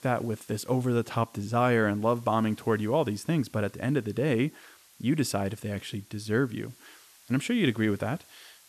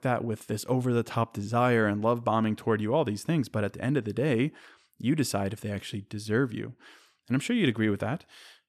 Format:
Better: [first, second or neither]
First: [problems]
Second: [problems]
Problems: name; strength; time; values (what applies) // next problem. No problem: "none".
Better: second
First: hiss; faint; throughout; 25 dB below the speech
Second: none